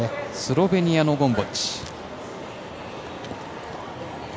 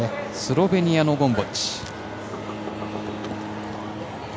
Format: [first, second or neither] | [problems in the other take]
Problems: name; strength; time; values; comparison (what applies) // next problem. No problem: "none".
first | background sound (Bowed string instrument + Knock); 11 dB below the speech